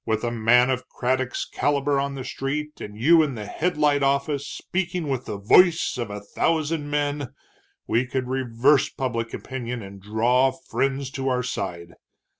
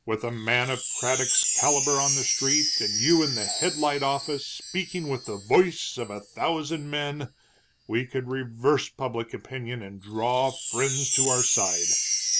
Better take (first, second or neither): first